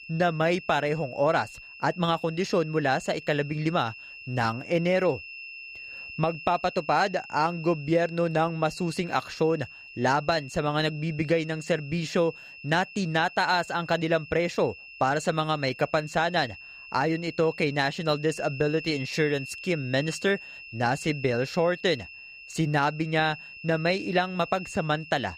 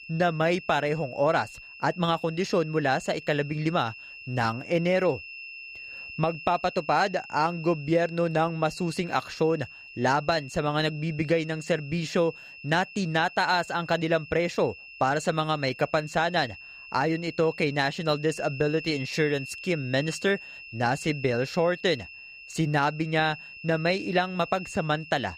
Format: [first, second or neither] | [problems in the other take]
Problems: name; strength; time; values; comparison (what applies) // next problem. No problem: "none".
neither | high-pitched whine; noticeable; throughout; 2.5 kHz, 15 dB below the speech; the same in both